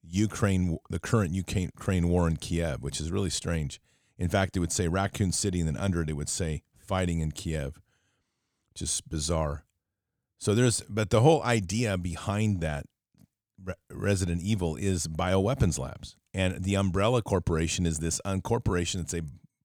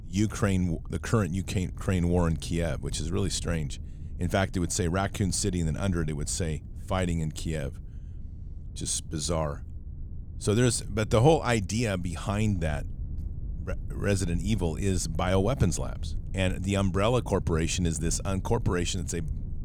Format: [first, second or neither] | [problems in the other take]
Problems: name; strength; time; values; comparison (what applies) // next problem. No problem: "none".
first | low rumble; faint; throughout; 25 dB below the speech